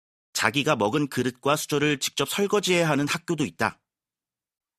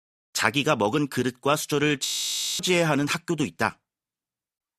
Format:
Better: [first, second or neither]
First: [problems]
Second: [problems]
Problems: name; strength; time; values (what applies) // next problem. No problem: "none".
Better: first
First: none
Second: audio freezing; at 2 s for 0.5 s